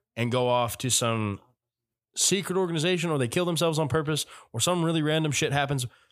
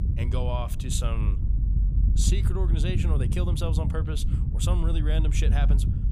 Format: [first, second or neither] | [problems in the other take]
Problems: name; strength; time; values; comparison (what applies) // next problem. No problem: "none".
first | wind noise on the microphone; heavy; 6 dB below the speech